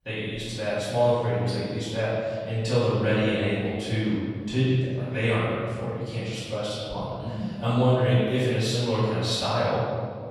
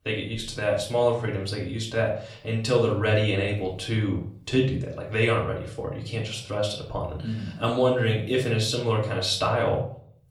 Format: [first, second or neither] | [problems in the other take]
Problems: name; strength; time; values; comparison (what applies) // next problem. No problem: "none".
second | room echo; strong; dies away in 1.8 s; slight in the second // off-mic speech; far; far in the second